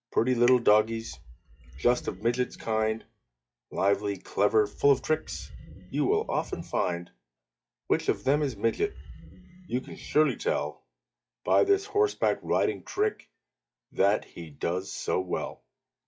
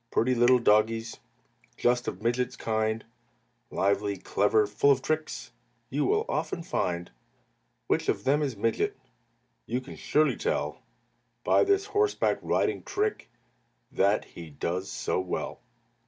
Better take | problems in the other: second | noise reduction (classical method log-MMSE)

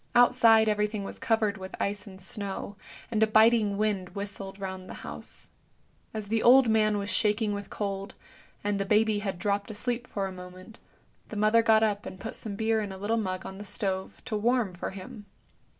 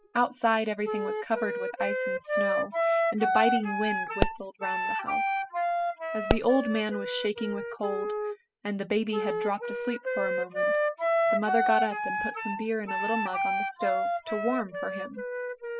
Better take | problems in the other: first | noise reduction (classical method spectral subtraction)

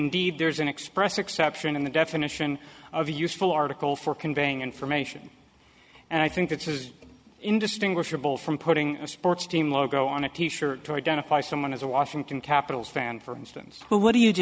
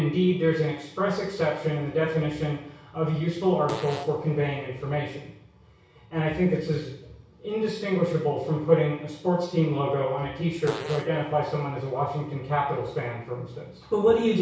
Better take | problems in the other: first | background sound (Fart); 14 dB below the speech // room echo; dies away in 0.6 s

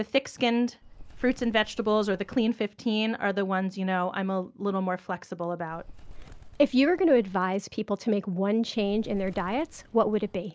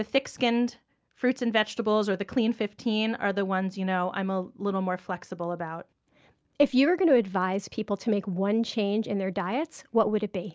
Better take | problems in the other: second | background sound (Bird); 17 dB below the speech

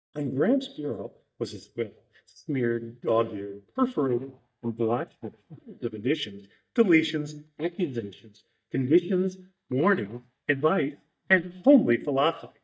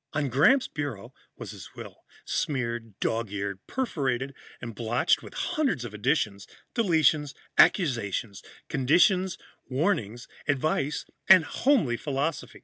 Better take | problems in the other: second | noise reduction (neural mask model DeepFilterNet 3)

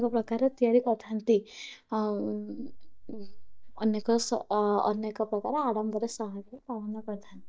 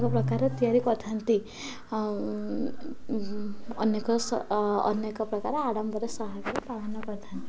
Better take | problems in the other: second | noise reduction (neural mask model DeepFilterNet 3)

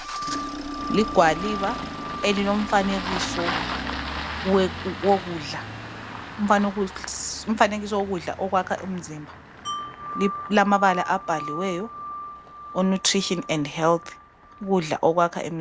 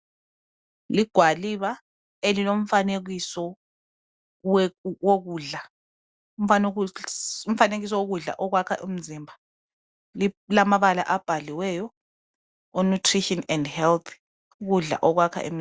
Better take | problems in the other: second | background sound (Engine starting + Wind chime); 8 dB below the speech

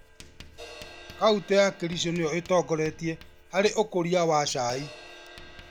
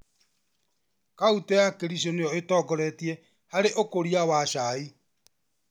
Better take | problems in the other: second | background sound (Crash cymbal + Writing); 19 dB below the speech

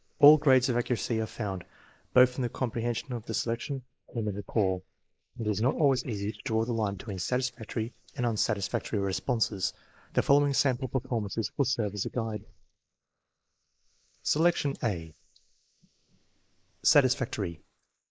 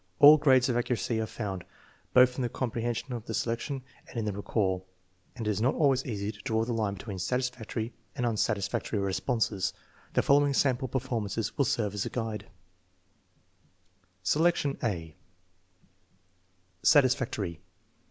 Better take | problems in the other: second | noise reduction (neural mask model Resemble Enhance denoiser)

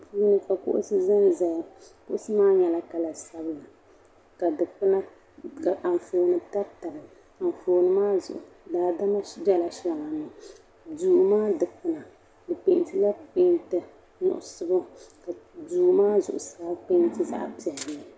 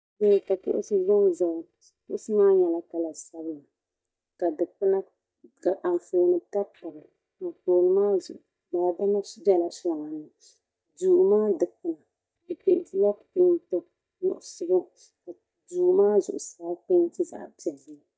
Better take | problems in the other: first | noise reduction (neural mask model DeepFilterNet 3)

